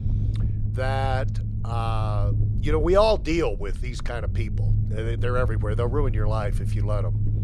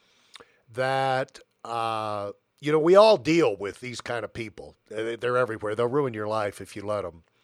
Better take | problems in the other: second | low rumble; noticeable; throughout; 15 dB below the speech

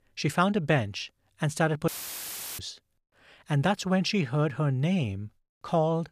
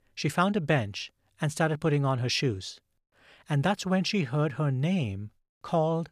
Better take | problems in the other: second | audio cutting out; filled with static; at 2 s for 0.5 s

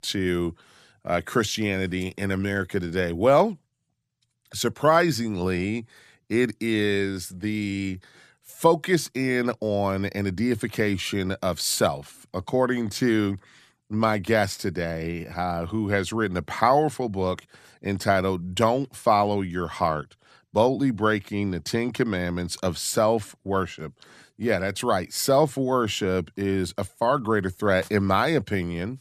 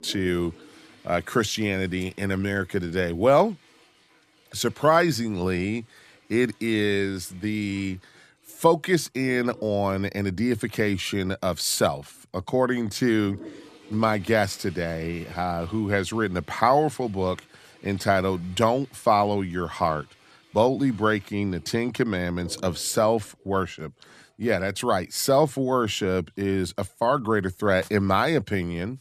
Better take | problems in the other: first | household noises; faint; throughout; 25 dB below the speech

